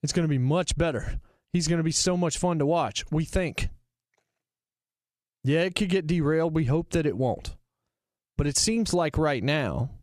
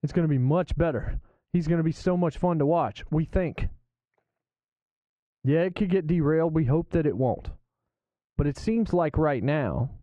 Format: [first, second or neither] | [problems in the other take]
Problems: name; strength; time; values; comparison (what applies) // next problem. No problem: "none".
first | muffled; very; fading above 3.5 kHz